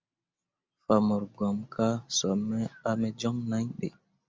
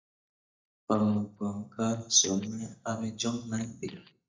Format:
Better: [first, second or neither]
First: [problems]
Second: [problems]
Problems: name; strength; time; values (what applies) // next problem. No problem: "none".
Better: first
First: none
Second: noise reduction (neural mask model DeepFilterNet 3)